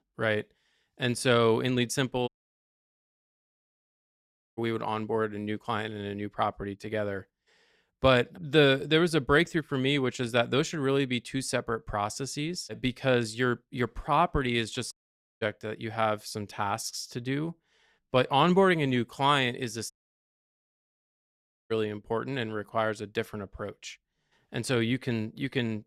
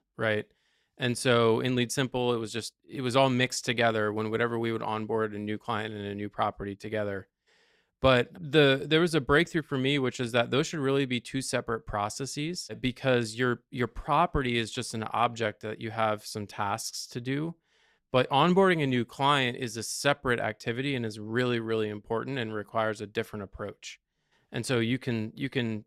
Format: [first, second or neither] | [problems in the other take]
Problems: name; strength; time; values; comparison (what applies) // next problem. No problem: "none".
second | audio cutting out; at 2.5 s for 2.5 s, at 15 s and at 20 s for 2 s